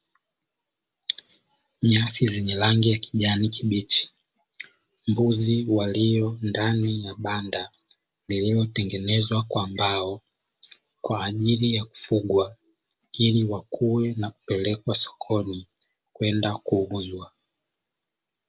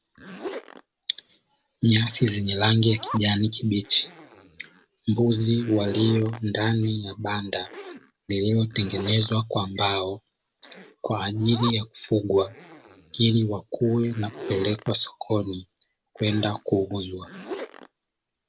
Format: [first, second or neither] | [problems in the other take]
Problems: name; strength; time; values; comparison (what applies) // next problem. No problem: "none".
first | background sound (Zipper (clothing)); 16 dB below the speech